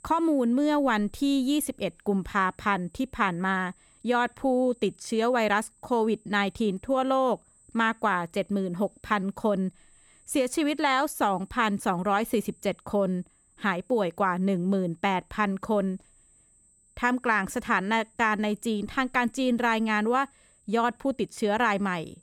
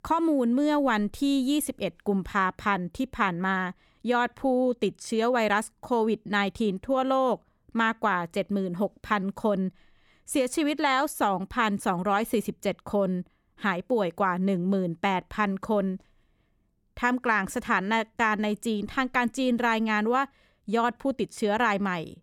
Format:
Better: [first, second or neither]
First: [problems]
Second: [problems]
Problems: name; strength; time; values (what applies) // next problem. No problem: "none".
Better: second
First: high-pitched whine; faint; throughout; 8.5 kHz, 30 dB below the speech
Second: none